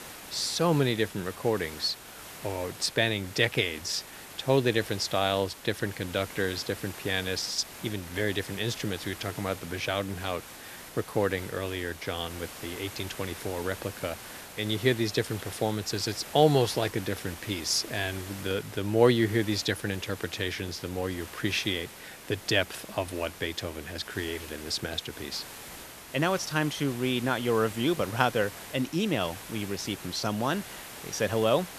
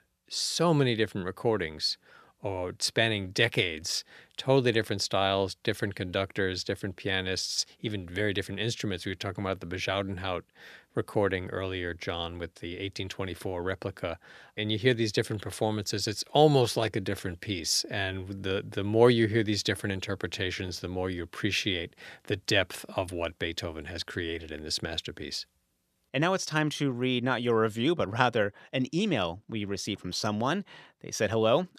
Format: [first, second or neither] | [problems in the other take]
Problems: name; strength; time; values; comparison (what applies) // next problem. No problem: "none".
second | hiss; noticeable; throughout; 15 dB below the speech